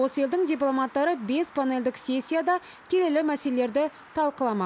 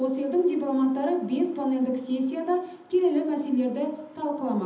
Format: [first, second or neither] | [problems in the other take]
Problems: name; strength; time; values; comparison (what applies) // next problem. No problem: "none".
first | room echo; dies away in 0.8 s